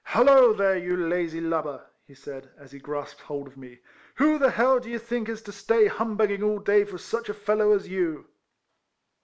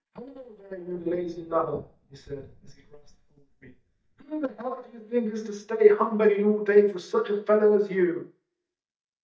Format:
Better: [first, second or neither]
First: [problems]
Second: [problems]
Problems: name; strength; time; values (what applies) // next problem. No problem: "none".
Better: first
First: none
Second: noise reduction (neural mask model DeepFilterNet 3)